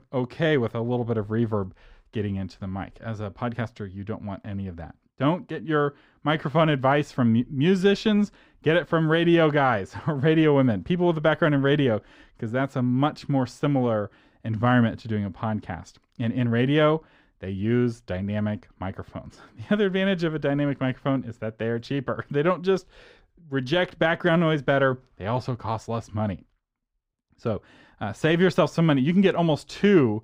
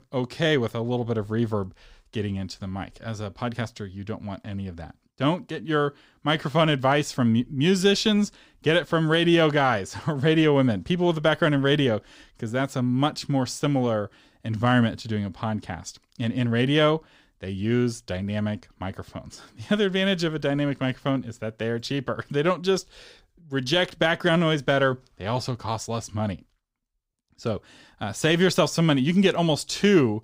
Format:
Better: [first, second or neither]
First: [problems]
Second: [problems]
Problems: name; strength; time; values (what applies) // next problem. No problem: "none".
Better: second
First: muffled; slightly; fading above 3.5 kHz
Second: none